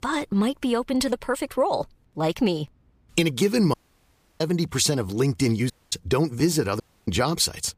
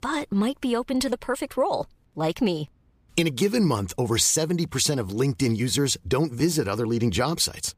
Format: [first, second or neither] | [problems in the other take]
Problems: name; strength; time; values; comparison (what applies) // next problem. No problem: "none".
second | audio cutting out; at 3.5 s for 0.5 s, at 5.5 s and at 7 s